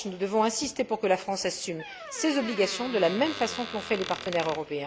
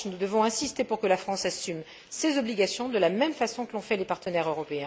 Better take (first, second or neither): second